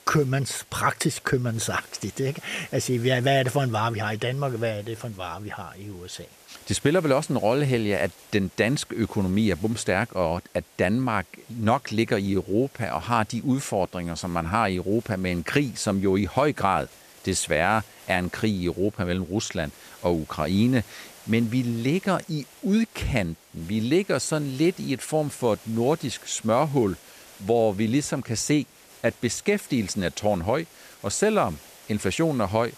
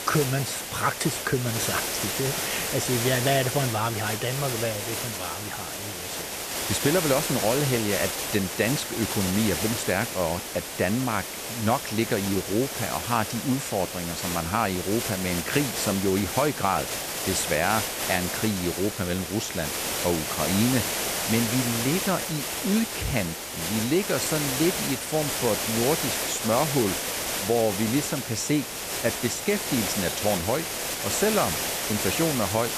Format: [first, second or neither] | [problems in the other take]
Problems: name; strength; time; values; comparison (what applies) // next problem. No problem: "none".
first | hiss; loud; throughout; 1 dB below the speech; faint in the first